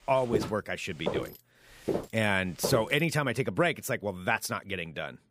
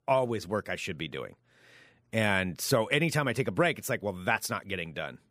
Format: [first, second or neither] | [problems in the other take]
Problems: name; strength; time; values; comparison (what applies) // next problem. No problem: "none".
second | footsteps; noticeable; until 3 s; peak 3 dB below the speech